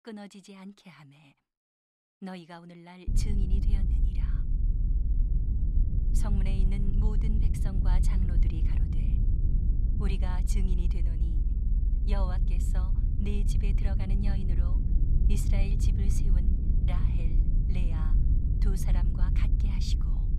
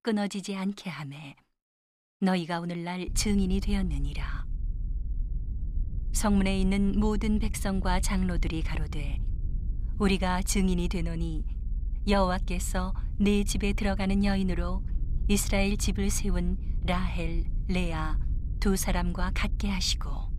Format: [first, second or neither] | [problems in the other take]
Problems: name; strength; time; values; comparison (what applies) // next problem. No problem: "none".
second | low rumble; loud; from 3 s on; 1 dB below the speech; faint in the second